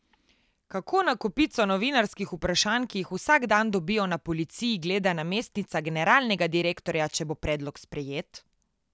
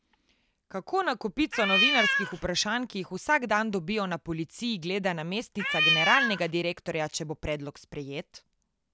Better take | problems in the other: first | background sound (Cat); 5 dB above the speech

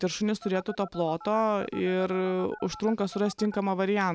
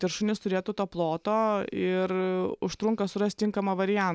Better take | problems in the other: second | background sound (Telephone); 18 dB below the speech

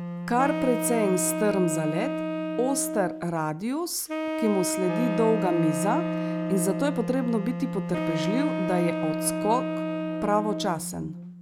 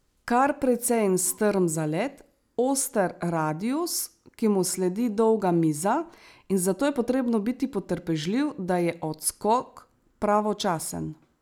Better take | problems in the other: second | background sound (Wind instrument, woodwind instrument + Wind instrument, woodwind instrument); 2 dB below the speech

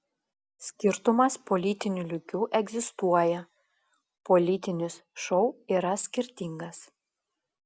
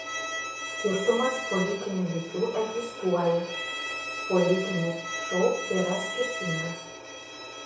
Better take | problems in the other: first | background sound (Bowed string instrument); 6 dB below the speech // room echo; dies away in 0.6 s

